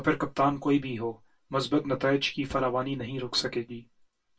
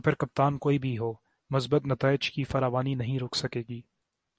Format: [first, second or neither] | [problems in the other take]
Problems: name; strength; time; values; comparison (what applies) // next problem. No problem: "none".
second | room echo; dies away in 0.1 s